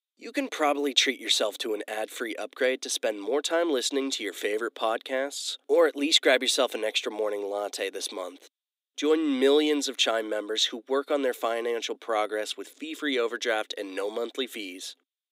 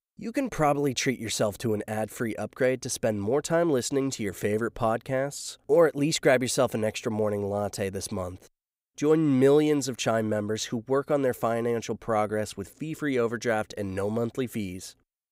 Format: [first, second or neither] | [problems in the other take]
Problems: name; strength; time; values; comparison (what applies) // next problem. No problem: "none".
second | thin; very slightly; fading below 250 Hz